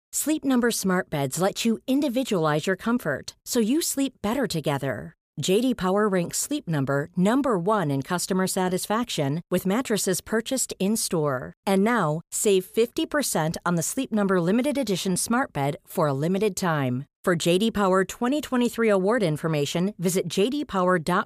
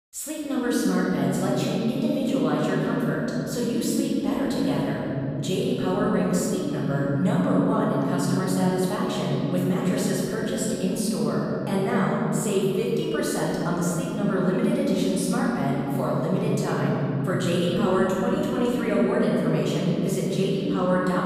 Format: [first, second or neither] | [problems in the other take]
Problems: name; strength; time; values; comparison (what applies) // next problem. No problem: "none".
first | room echo; strong; dies away in 3 s // off-mic speech; far